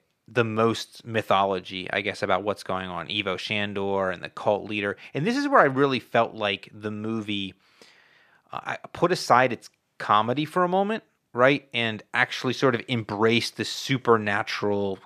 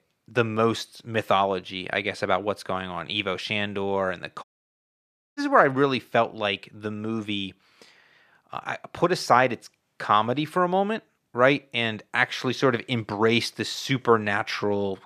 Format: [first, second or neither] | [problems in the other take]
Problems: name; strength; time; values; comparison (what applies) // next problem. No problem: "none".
first | audio cutting out; at 4.5 s for 1 s